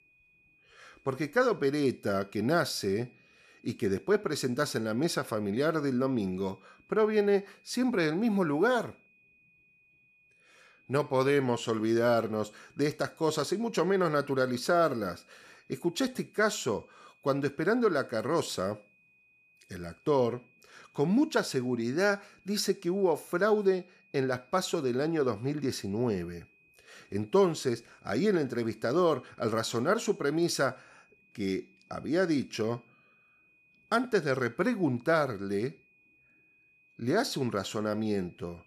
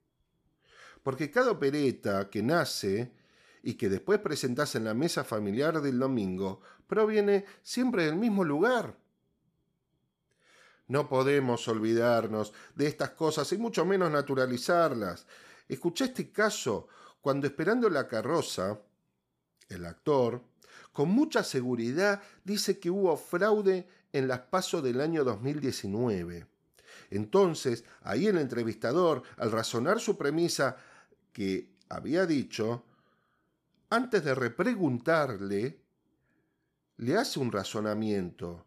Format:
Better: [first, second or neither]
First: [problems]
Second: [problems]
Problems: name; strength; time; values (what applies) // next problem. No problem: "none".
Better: second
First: high-pitched whine; faint; throughout; 2.5 kHz, 35 dB below the speech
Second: none